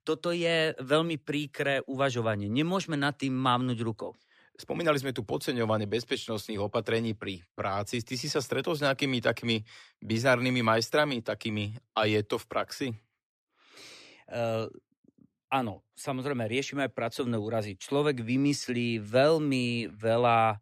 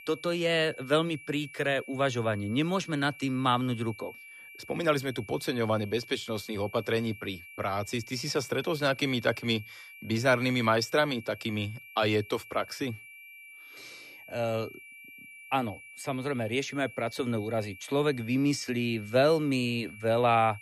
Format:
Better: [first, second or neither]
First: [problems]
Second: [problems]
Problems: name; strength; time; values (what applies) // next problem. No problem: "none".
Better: first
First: none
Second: high-pitched whine; noticeable; throughout; 2.5 kHz, 15 dB below the speech